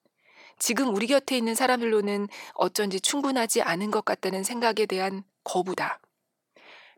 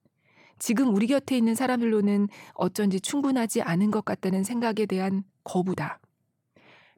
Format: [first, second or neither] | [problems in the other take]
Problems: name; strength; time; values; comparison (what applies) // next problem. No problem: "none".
second | thin; somewhat; fading below 400 Hz